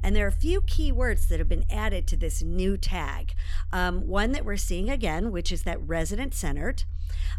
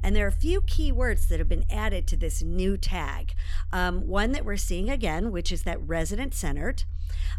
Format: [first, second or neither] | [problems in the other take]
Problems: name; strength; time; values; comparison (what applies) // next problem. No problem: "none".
neither | low rumble; faint; throughout; 20 dB below the speech; the same in both